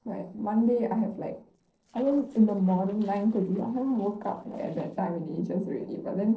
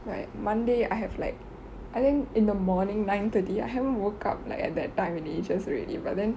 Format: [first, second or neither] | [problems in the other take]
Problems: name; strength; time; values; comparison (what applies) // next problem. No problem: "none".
second | noise reduction (neural separator model SepFormer DNS4)